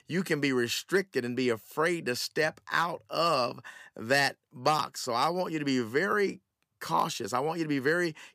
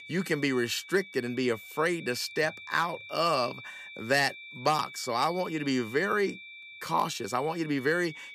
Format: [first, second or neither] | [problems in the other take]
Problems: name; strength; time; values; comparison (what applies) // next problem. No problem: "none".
first | high-pitched whine; noticeable; throughout; 2.5 kHz, 15 dB below the speech